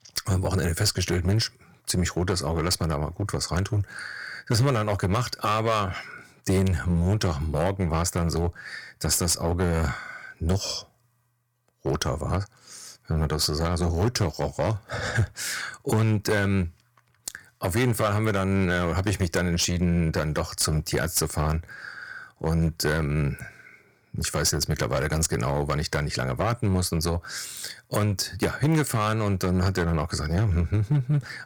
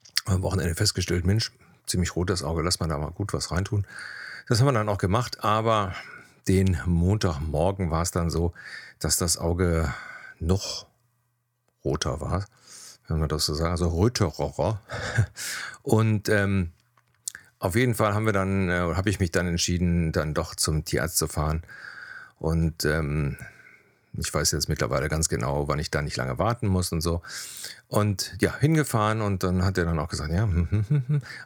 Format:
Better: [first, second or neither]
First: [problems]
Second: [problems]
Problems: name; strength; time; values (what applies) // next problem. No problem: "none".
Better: second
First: distortion; slight; 7% of the sound clipped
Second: none